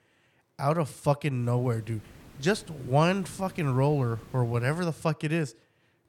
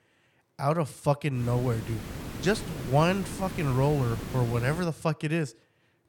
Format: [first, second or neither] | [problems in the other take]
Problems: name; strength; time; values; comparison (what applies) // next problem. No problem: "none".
first | hiss; loud; from 1.5 to 5 s; 10 dB below the speech; faint in the first